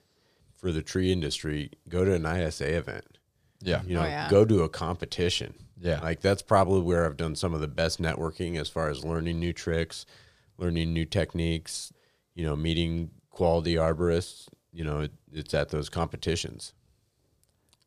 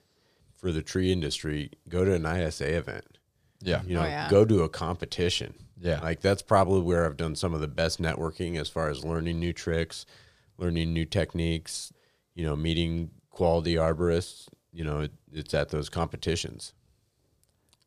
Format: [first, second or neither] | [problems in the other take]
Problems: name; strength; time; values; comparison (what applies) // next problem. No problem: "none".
neither | none